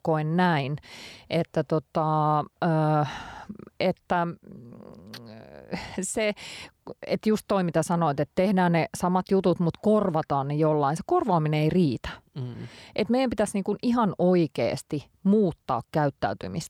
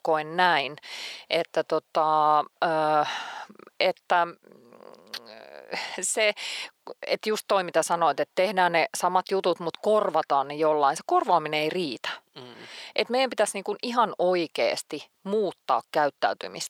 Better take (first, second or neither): first